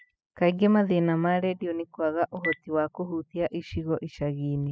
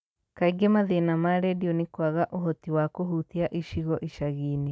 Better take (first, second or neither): second